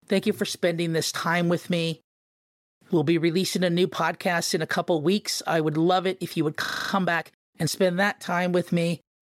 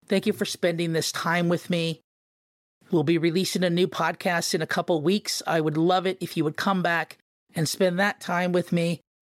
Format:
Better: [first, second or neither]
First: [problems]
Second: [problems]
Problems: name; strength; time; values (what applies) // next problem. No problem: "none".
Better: second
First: audio freezing; at 6.5 s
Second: none